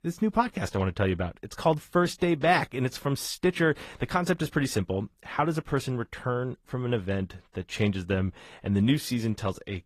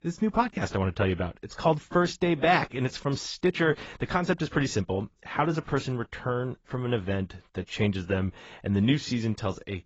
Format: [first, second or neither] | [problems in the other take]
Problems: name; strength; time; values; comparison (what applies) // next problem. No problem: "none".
first | garbled, watery; badly; nothing above 7.5 kHz; slightly in the first